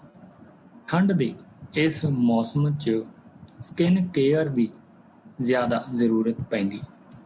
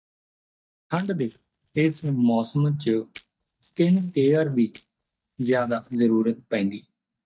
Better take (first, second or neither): first